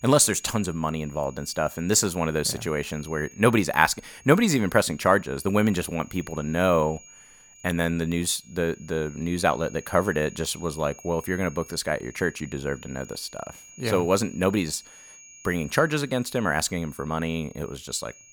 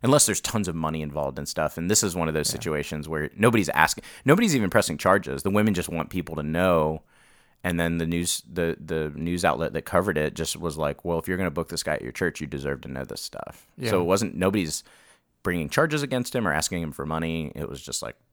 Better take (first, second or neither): second